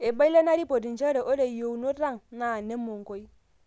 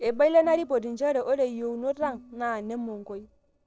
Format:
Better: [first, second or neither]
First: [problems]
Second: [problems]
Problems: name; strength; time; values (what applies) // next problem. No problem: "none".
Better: first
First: none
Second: noise reduction (neural separator model SepFormer DNS4)